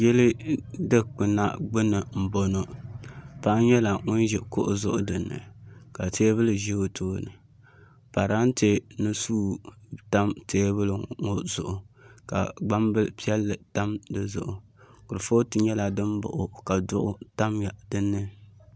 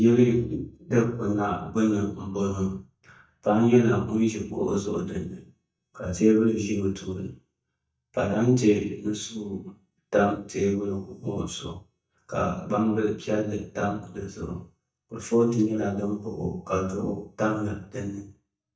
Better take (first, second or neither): first